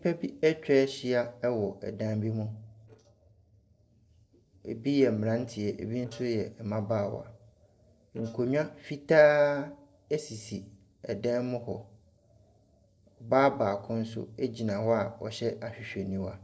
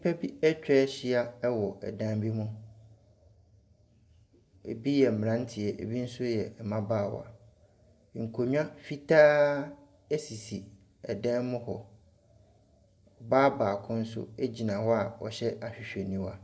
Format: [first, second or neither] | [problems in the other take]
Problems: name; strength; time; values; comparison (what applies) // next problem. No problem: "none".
second | noise reduction (neural separator model SepFormer DNS4)